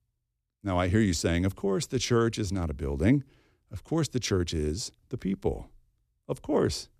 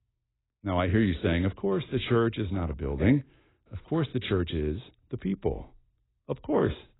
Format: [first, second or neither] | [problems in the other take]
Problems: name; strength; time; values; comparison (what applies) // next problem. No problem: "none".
first | garbled, watery; badly; nothing above 4 kHz